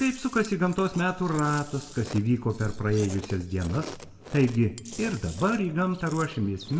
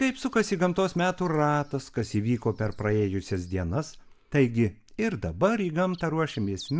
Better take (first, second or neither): second